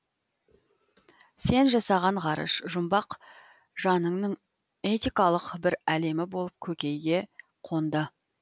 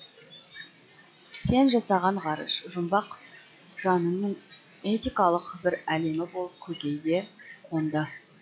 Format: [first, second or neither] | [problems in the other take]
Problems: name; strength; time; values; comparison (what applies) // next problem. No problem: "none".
first | noise reduction (classical method log-MMSE)